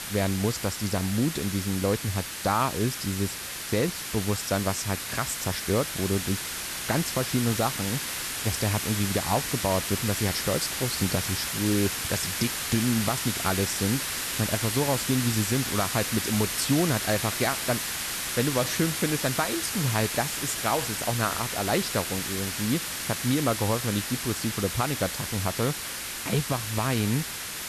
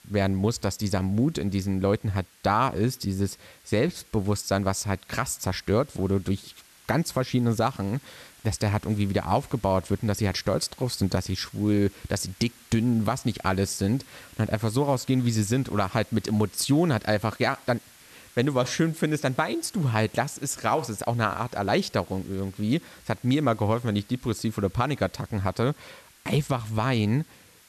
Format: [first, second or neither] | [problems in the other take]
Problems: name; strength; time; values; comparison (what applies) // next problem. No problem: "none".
second | hiss; loud; throughout; 1 dB below the speech; faint in the second